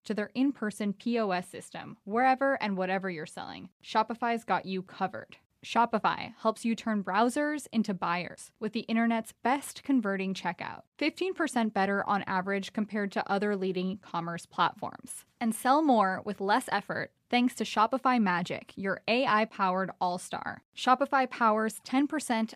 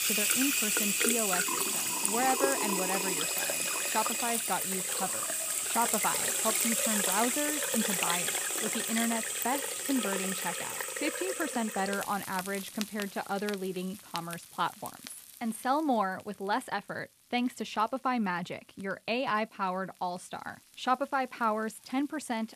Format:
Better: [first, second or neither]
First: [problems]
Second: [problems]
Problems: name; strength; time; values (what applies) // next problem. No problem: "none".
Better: first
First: none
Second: household noises; very loud; throughout; 4 dB above the speech